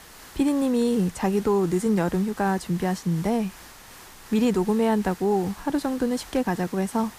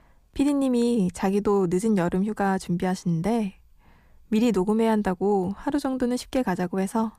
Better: second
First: hiss; noticeable; throughout; 20 dB below the speech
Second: none

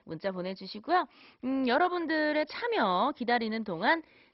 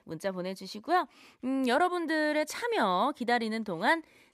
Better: second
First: garbled, watery; badly; nothing above 5 kHz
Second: none

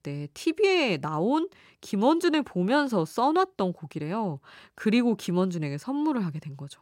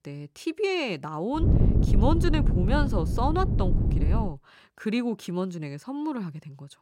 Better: first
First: none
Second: wind noise on the microphone; heavy; from 1.5 to 4 s; 6 dB below the speech

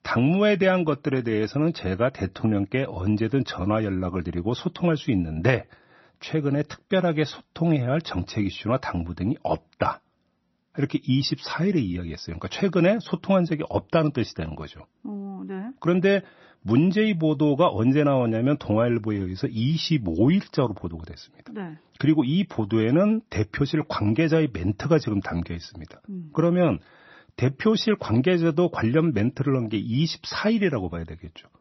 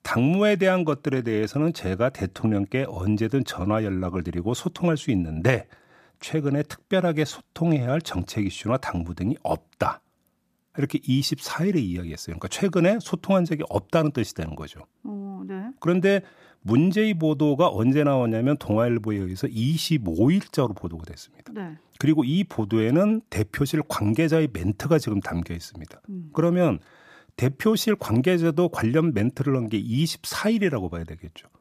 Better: second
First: garbled, watery; slightly; nothing above 6 kHz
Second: none

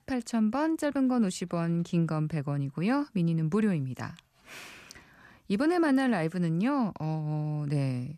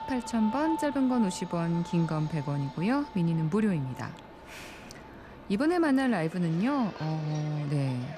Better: first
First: none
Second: train or aircraft noise; noticeable; throughout; 15 dB below the speech

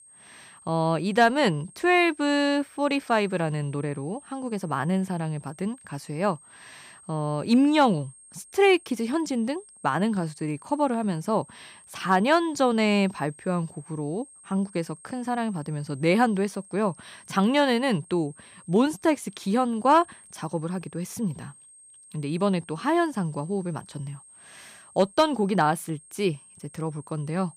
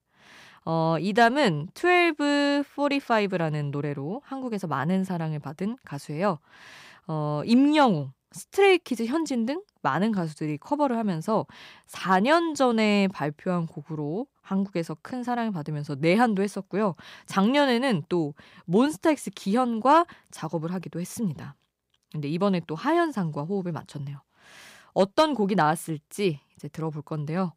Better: second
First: high-pitched whine; faint; throughout; 8.5 kHz, 25 dB below the speech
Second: none

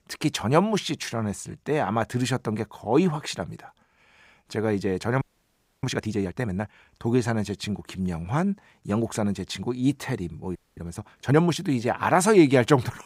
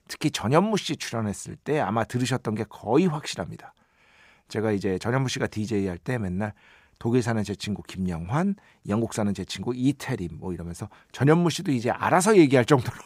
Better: second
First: audio freezing; at 5 s for 0.5 s and at 11 s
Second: none

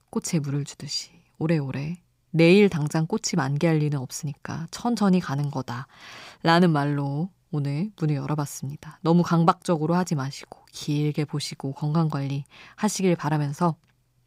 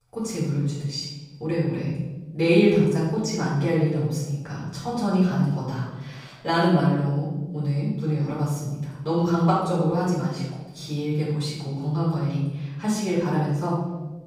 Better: first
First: none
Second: room echo; noticeable; dies away in 1.1 s // off-mic speech; far

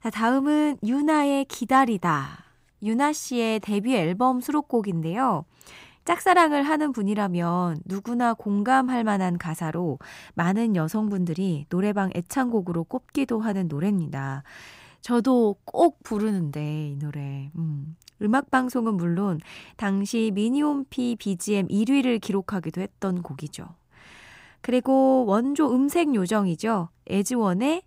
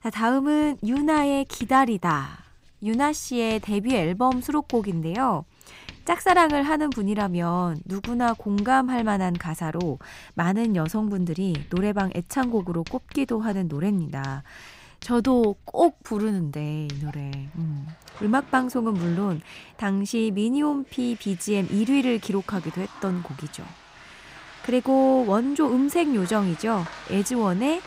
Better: first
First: none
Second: household noises; faint; throughout; 20 dB below the speech

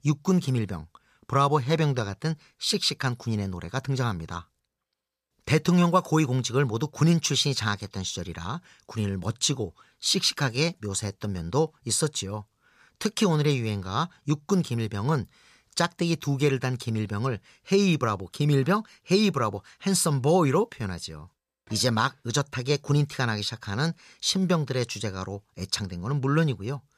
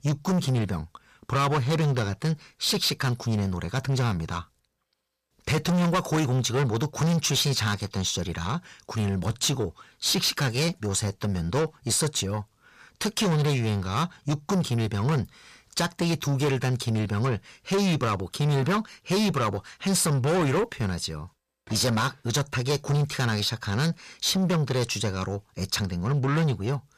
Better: first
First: none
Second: distortion; heavy; 7 dB below the speech

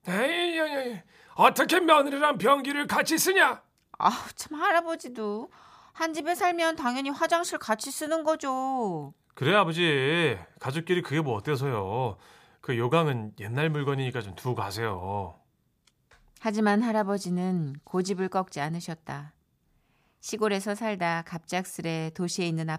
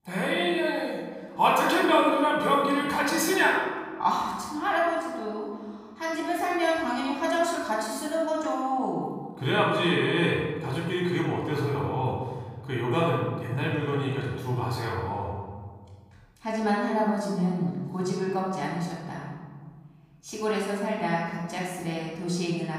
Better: first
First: none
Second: off-mic speech; far // room echo; noticeable; dies away in 1.6 s

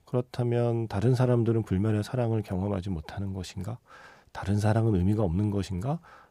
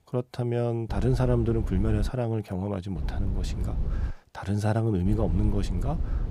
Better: first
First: none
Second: low rumble; noticeable; from 1 to 2 s, from 3 to 4 s and from 5 s on; 15 dB below the speech

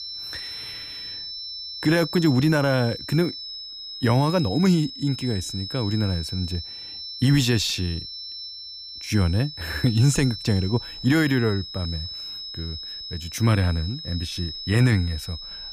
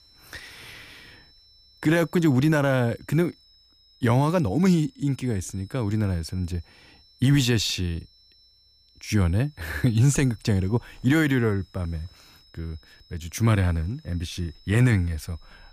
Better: second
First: high-pitched whine; loud; throughout; 5.5 kHz, 10 dB below the speech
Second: high-pitched whine; faint; throughout; 5.5 kHz, 30 dB below the speech

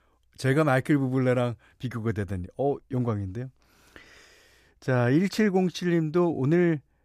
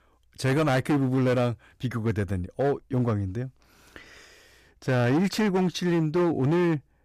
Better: first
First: none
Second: distortion; slight; 12% of the sound clipped

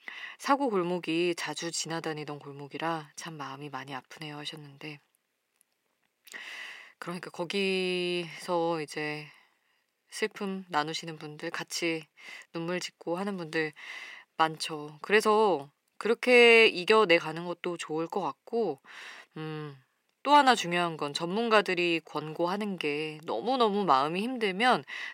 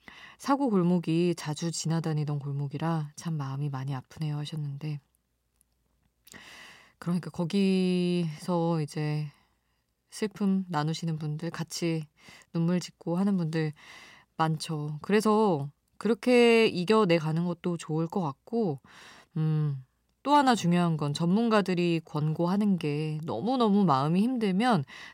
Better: second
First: thin; somewhat; fading below 400 Hz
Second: none

